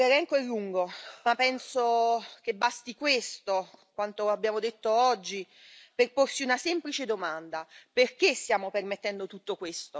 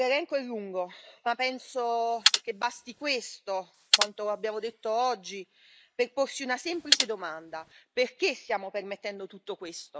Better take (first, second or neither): first